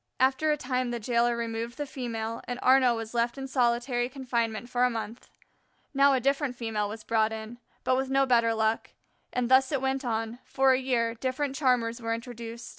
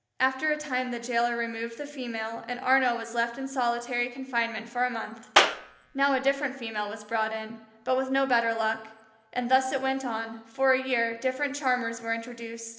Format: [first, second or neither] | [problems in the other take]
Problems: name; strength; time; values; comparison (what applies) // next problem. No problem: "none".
first | background sound (Clapping); 2 dB above the speech // room echo; dies away in 0.8 s